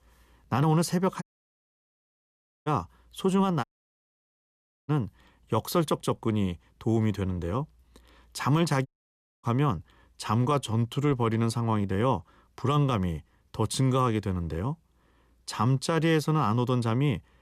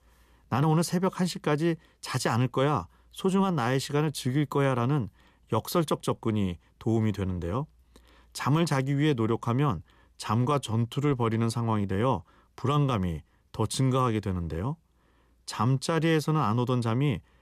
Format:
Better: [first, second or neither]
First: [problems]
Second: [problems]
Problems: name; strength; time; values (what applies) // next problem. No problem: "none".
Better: second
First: audio cutting out; at 1 s for 1.5 s, at 3.5 s for 1 s and at 9 s for 0.5 s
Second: none